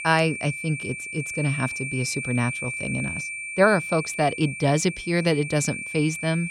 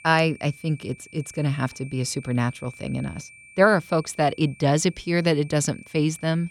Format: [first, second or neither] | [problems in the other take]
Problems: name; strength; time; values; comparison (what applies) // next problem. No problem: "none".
second | high-pitched whine; loud; throughout; 2.5 kHz, 6 dB below the speech; faint in the second